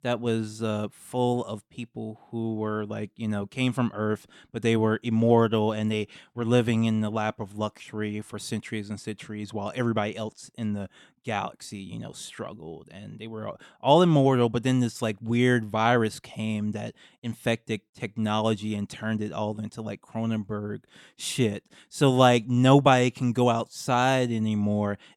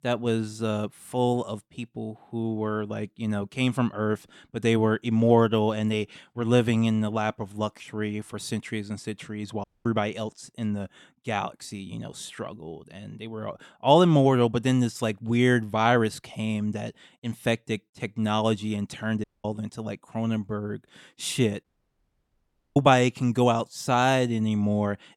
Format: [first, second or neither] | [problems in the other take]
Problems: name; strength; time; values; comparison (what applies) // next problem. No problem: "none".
first | audio cutting out; at 9.5 s, at 19 s and at 22 s for 1 s